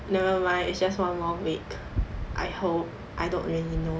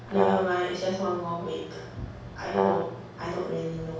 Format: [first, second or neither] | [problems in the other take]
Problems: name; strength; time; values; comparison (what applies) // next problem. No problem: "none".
first | background sound (Brass instrument); 3 dB above the speech // room echo; dies away in 0.7 s